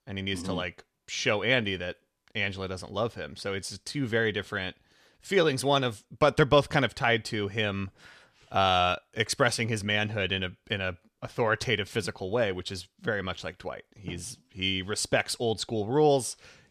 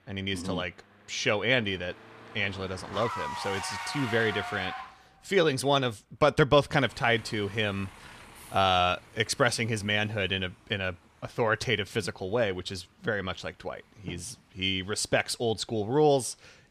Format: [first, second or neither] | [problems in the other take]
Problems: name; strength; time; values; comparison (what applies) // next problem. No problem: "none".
first | traffic noise; noticeable; throughout; 10 dB below the speech